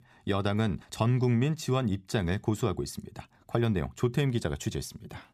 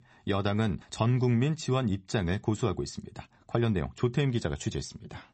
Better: first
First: none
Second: garbled, watery; slightly; nothing above 8 kHz

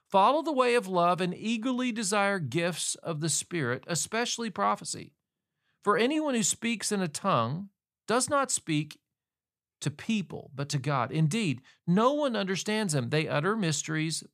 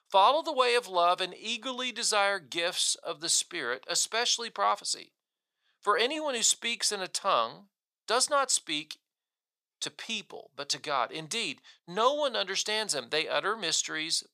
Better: first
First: none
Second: thin; very; fading below 550 Hz

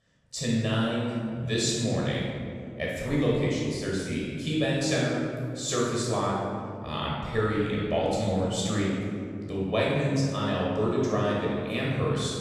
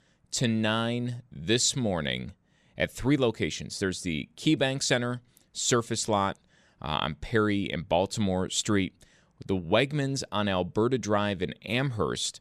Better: second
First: room echo; strong; dies away in 2.3 s // off-mic speech; far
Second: none

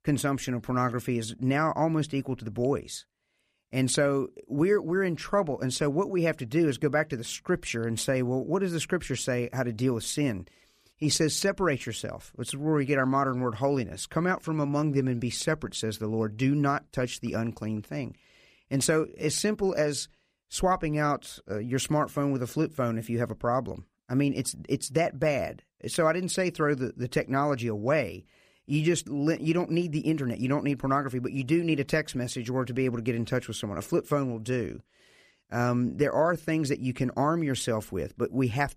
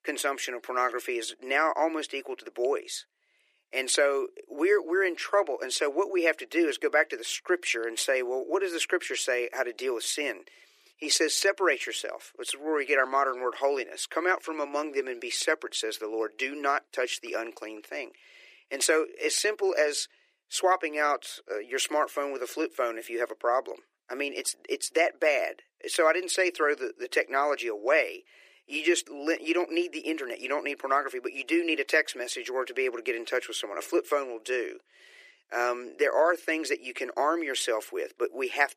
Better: first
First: none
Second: thin; very; fading below 350 Hz

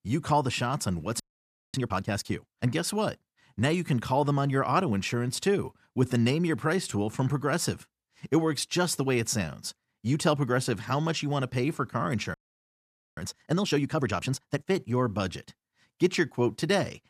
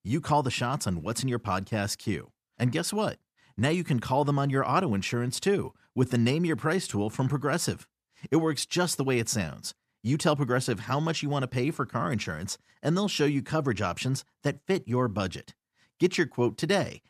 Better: second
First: audio freezing; at 1 s for 0.5 s and at 12 s for 1 s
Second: none

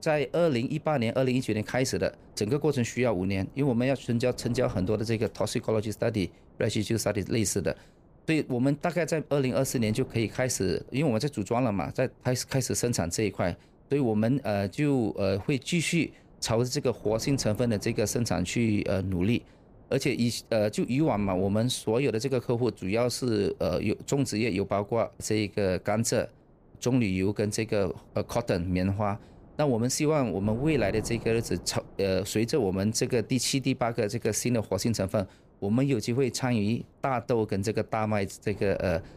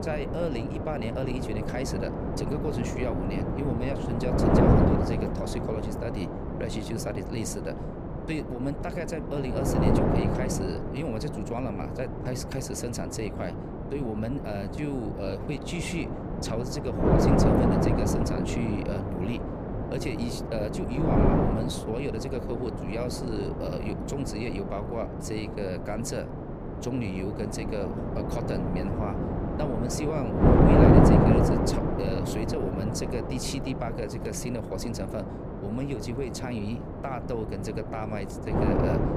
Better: first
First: wind noise on the microphone; occasional gusts; 25 dB below the speech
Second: wind noise on the microphone; heavy; 4 dB above the speech

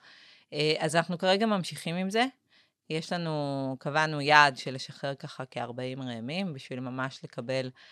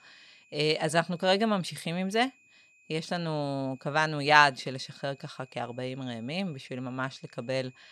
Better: first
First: none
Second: high-pitched whine; faint; throughout; 2.5 kHz, 30 dB below the speech

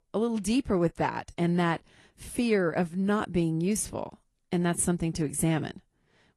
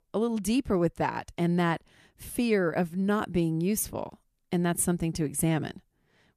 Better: second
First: garbled, watery; slightly; nothing above 11 kHz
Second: none

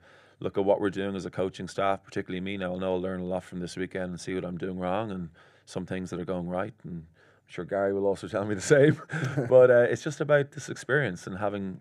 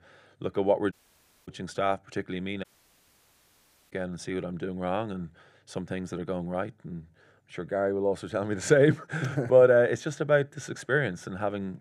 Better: first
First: none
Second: audio cutting out; at 1 s for 0.5 s and at 2.5 s for 1.5 s

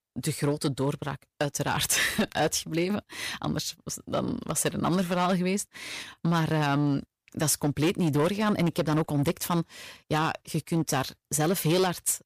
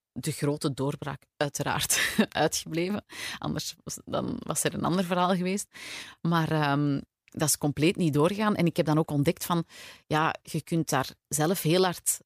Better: second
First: distortion; slight; 7% of the sound clipped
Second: none

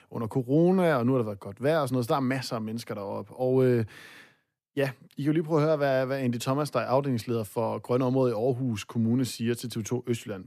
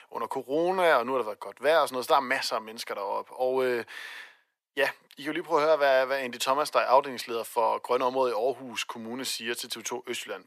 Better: first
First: none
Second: thin; very; fading below 650 Hz

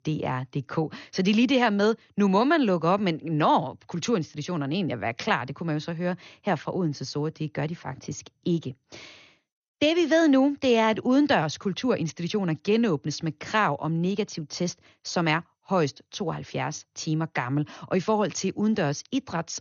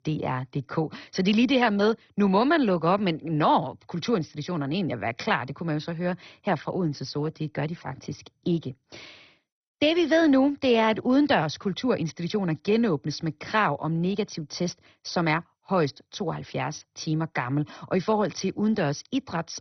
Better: first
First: garbled, watery; slightly; nothing above 6.5 kHz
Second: garbled, watery; badly; nothing above 6 kHz

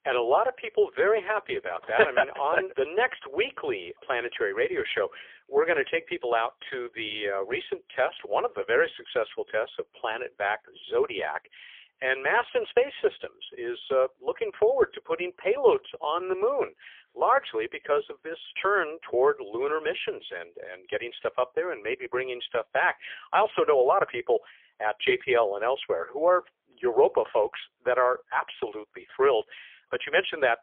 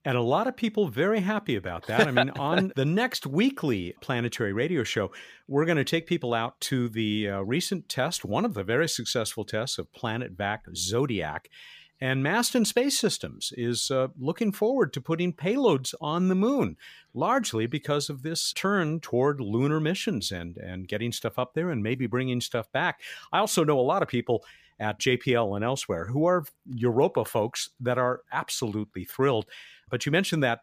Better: second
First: phone-call audio; poor line; nothing above 3.5 kHz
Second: none

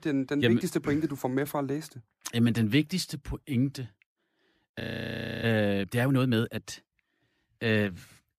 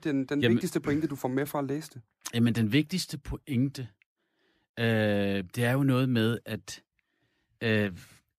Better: second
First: audio freezing; at 5 s for 0.5 s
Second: none

